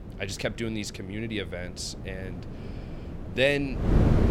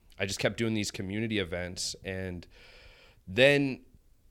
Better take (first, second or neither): second